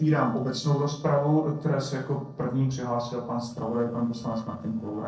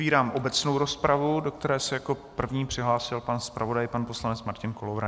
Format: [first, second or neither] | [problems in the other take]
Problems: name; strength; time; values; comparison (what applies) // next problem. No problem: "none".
second | noise reduction (neural separator model SepFormer DNS4)